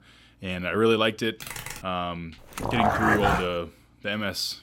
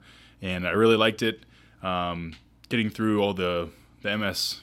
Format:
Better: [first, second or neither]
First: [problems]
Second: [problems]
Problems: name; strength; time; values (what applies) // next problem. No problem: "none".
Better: second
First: keyboard typing; noticeable; at 1.5 s; peak 8 dB below the speech // dog barking; loud; at 2.5 s; peak 5 dB above the speech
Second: none